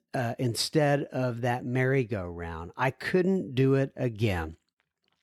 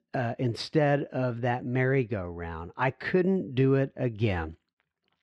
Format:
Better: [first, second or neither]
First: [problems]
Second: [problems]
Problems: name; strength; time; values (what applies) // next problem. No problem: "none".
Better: first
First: none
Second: muffled; very slightly; fading above 3.5 kHz